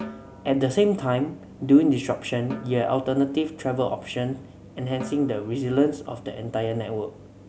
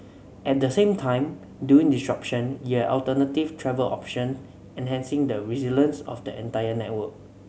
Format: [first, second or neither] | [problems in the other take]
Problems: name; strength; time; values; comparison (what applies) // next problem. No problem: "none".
second | background sound (Snare drum); 20 dB below the speech